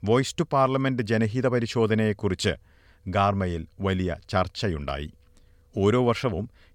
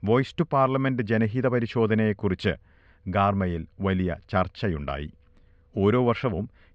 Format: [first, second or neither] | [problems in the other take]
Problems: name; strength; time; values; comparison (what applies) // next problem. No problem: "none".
first | muffled; slightly; fading above 2.5 kHz